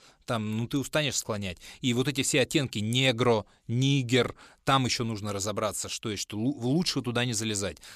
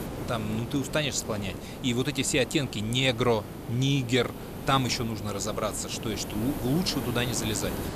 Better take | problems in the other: first | hiss; loud; throughout; 9 dB below the speech

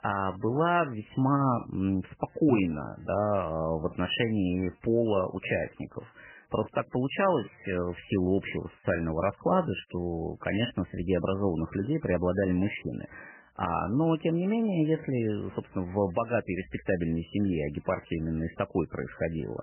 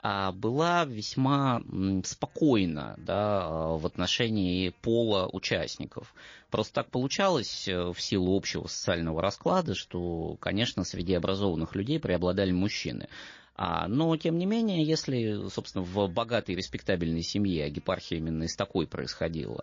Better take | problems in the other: second | garbled, watery; badly; nothing above 3 kHz; slightly in the second

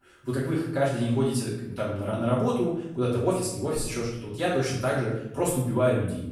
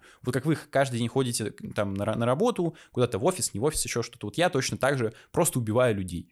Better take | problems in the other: second | off-mic speech; far // room echo; noticeable; dies away in 0.8 s

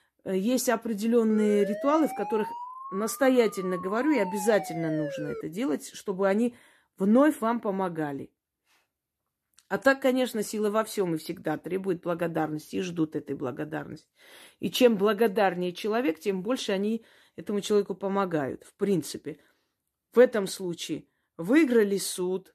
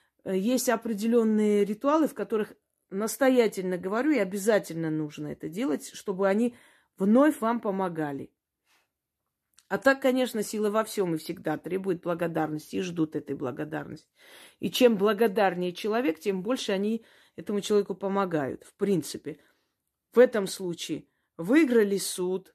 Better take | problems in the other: second | siren; noticeable; from 1.5 to 5.5 s; peak 8 dB below the speech

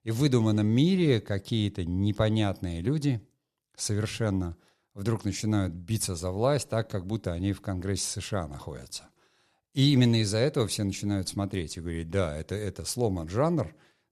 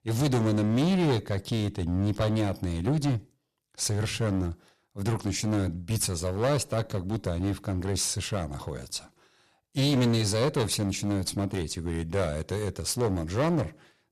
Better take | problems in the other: first | distortion; heavy; 11% of the sound clipped

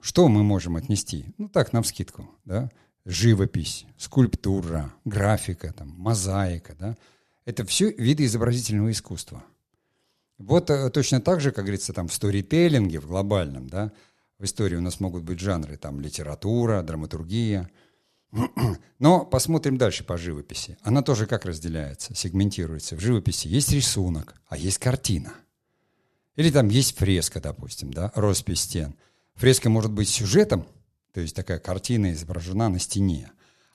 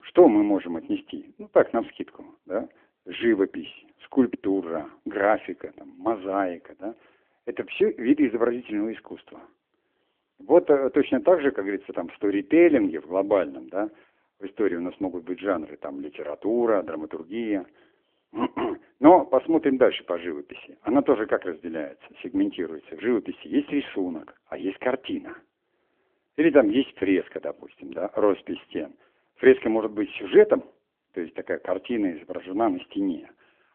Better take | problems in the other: first | phone-call audio; nothing above 3.5 kHz

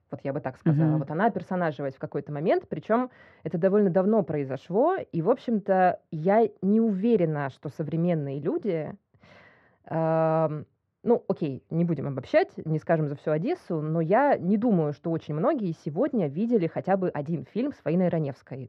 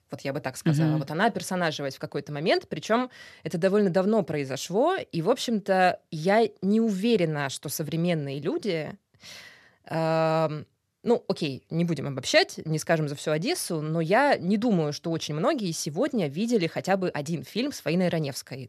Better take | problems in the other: second | muffled; very; fading above 3.5 kHz

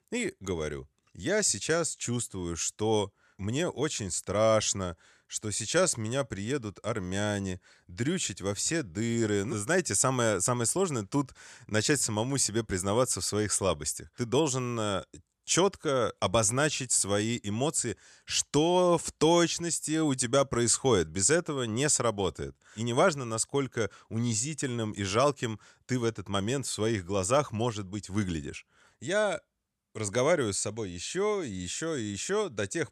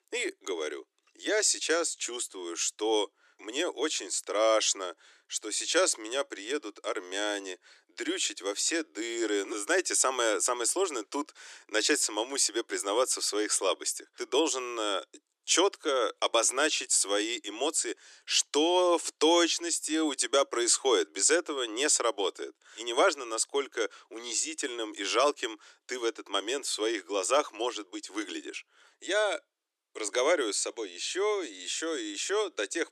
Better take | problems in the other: first | thin; very; fading below 300 Hz

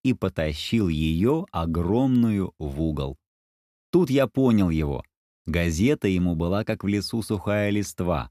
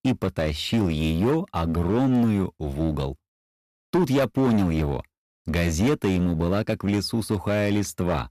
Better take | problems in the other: first | distortion; slight; 13% of the sound clipped

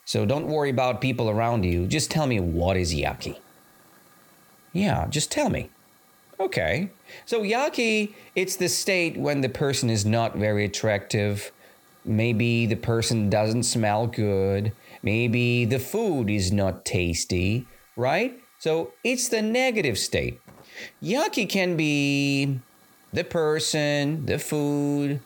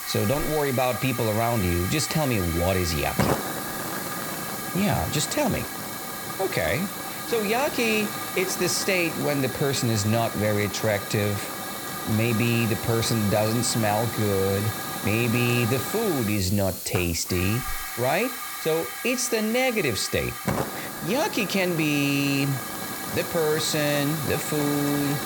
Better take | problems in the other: first | hiss; loud; throughout; 5 dB below the speech; faint in the first

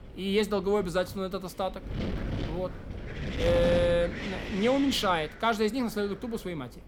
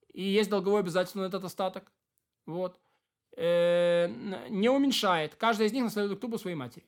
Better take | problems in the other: second | wind noise on the microphone; heavy; 10 dB below the speech

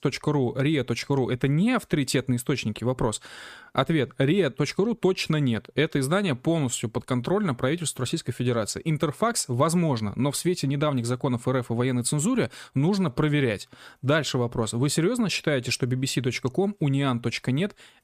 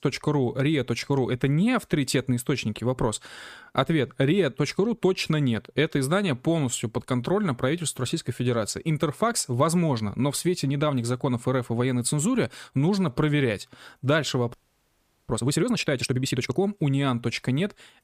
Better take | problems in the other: first | audio freezing; at 15 s for 1 s

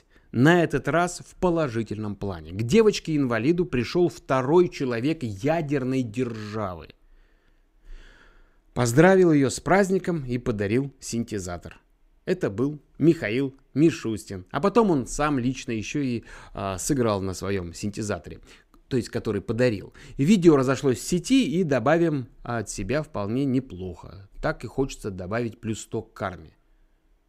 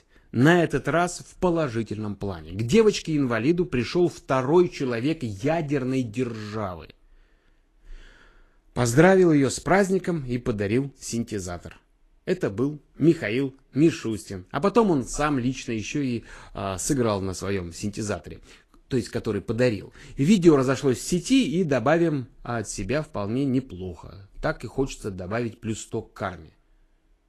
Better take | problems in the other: first | garbled, watery; slightly; nothing above 12.5 kHz

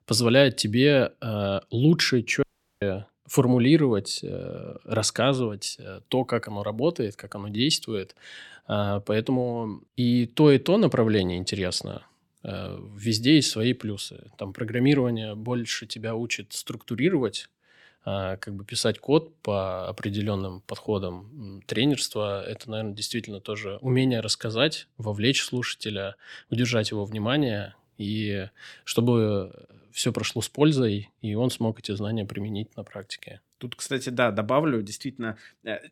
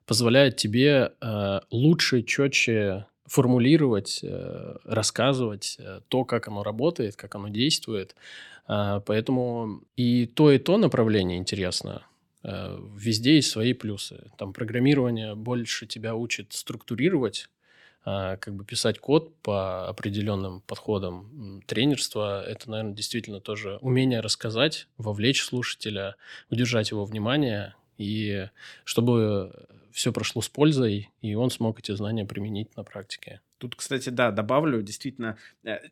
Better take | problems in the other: second | audio cutting out; at 2.5 s

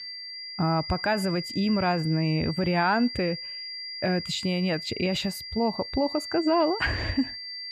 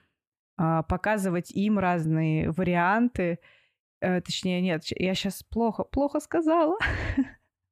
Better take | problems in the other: second | high-pitched whine; loud; throughout; 5 kHz, 8 dB below the speech

